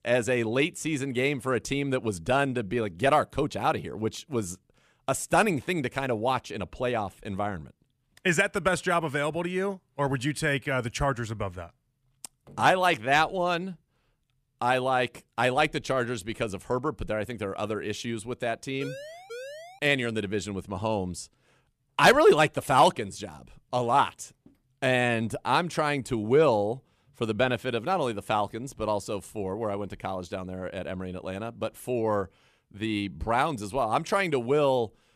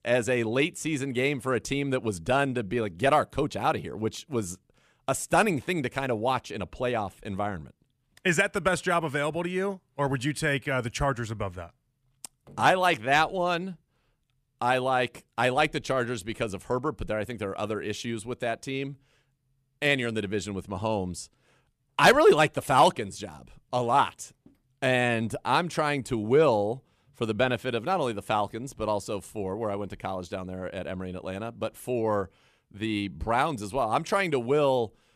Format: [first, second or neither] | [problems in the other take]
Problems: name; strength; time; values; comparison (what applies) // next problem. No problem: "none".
second | siren; faint; at 19 s; peak 15 dB below the speech